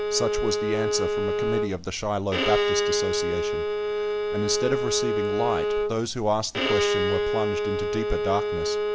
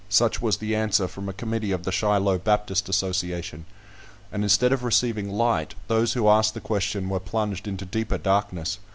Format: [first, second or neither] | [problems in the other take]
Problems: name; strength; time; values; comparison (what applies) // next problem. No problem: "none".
second | background sound (Bowed string instrument); 3 dB above the speech